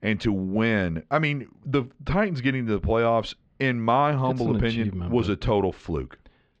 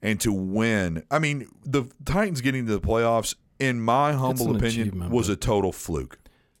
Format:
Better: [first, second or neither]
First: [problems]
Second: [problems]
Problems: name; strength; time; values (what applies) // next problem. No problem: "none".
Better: second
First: muffled; slightly; fading above 4 kHz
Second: none